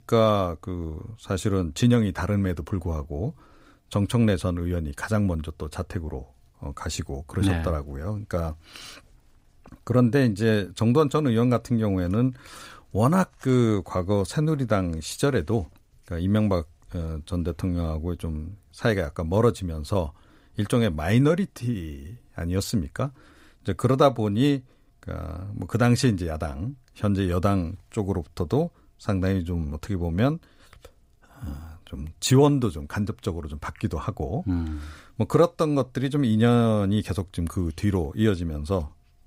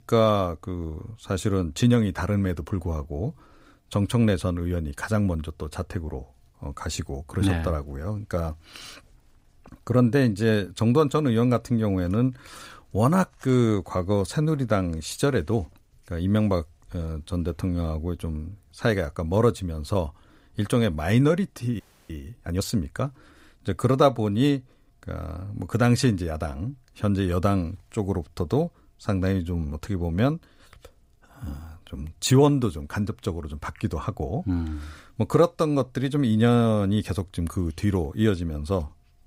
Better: first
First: none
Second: audio freezing; at 22 s

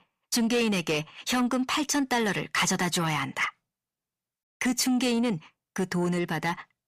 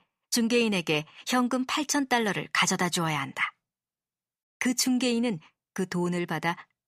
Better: second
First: distortion; slight; 10 dB below the speech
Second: none

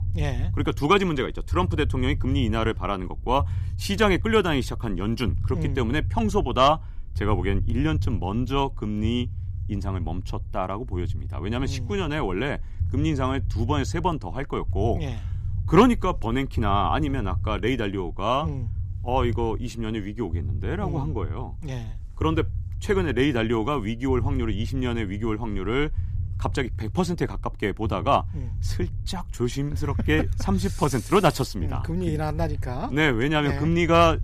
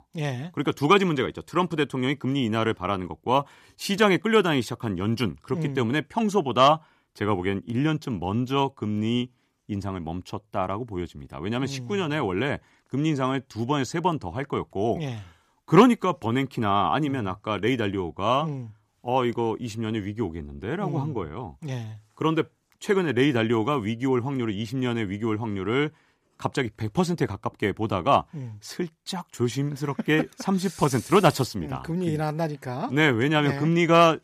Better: second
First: low rumble; faint; throughout; 20 dB below the speech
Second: none

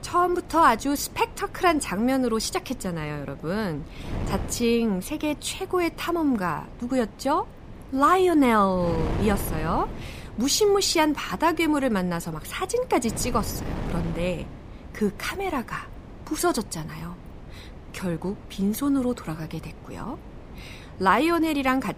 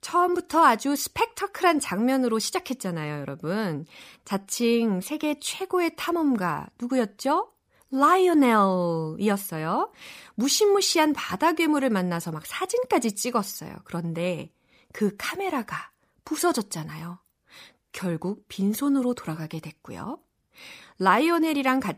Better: second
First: wind noise on the microphone; occasional gusts; 20 dB below the speech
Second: none

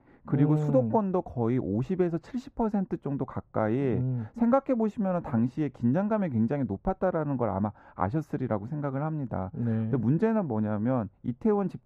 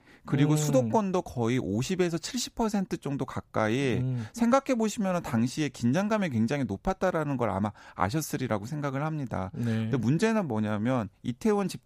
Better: second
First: muffled; very; fading above 2.5 kHz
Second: none

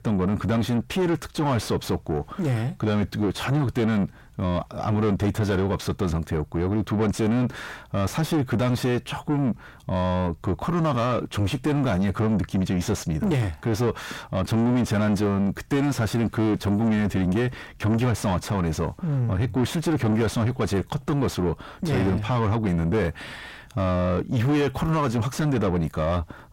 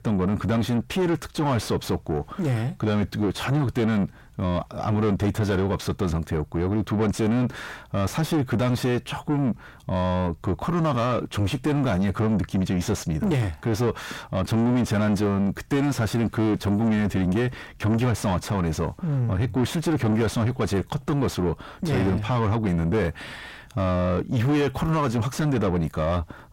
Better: neither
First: distortion; heavy; 6 dB below the speech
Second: distortion; heavy; 6 dB below the speech

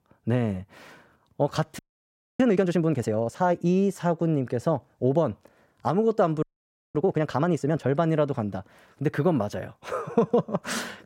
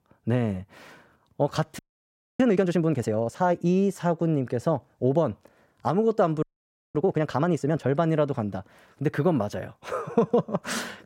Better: neither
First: audio freezing; at 2 s for 0.5 s and at 6.5 s for 0.5 s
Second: audio freezing; at 2 s for 0.5 s and at 6.5 s for 0.5 s

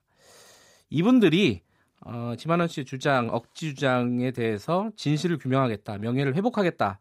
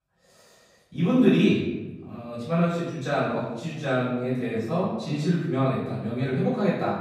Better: first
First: none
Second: room echo; noticeable; dies away in 1 s // off-mic speech; far

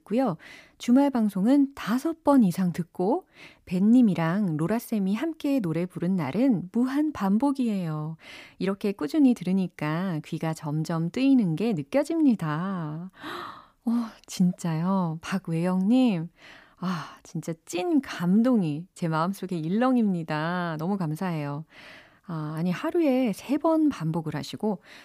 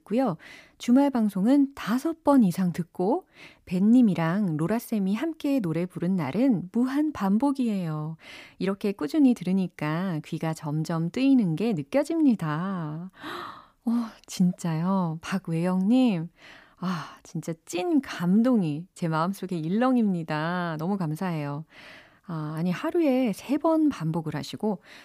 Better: neither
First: none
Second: none

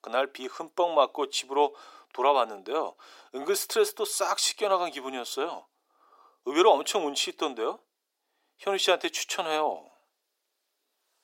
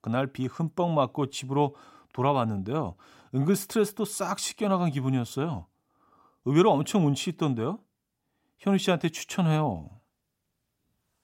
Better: second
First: thin; very; fading below 400 Hz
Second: none

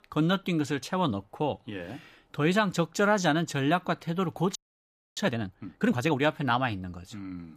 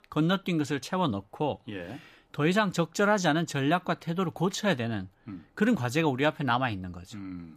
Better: second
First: audio freezing; at 4.5 s for 0.5 s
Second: none

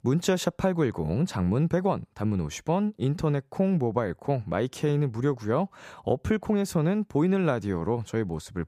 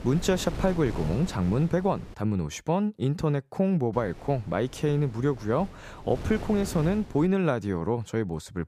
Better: first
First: none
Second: wind noise on the microphone; occasional gusts; until 2 s and from 4 to 7.5 s; 15 dB below the speech

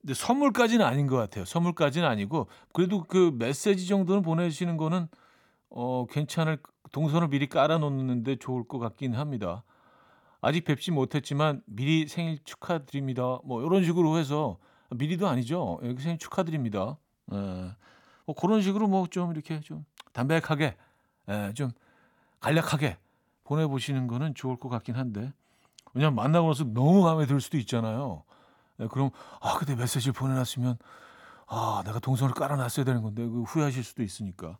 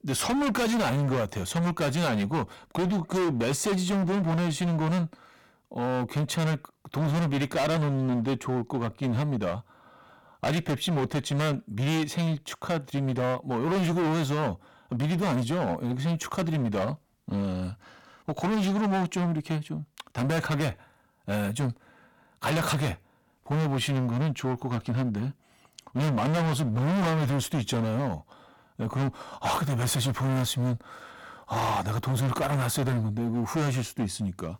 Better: first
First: none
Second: distortion; heavy; 25% of the sound clipped

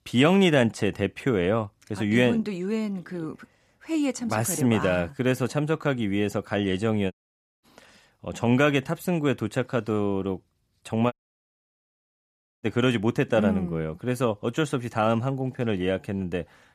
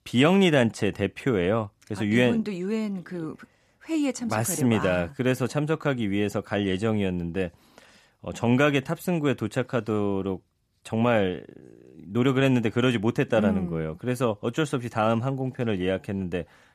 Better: second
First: audio cutting out; at 7 s for 0.5 s and at 11 s for 1.5 s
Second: none

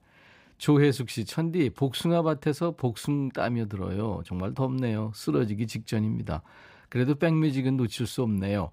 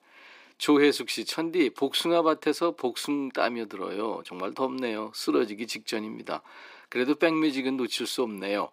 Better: first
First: none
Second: thin; somewhat; fading below 300 Hz

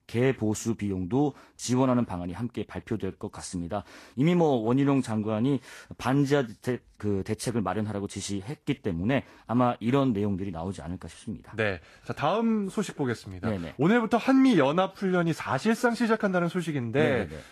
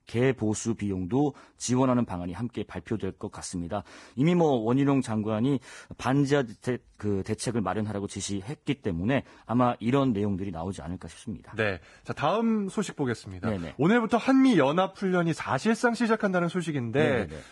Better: first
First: garbled, watery; slightly; nothing above 12.5 kHz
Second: garbled, watery; badly; nothing above 10 kHz

